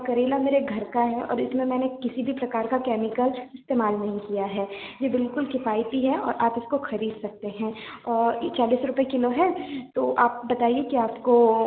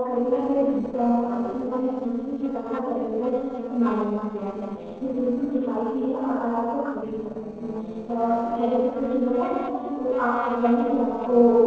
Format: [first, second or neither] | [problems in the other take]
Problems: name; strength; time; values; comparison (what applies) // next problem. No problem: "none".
first | noise reduction (neural separator model SepFormer DNS4)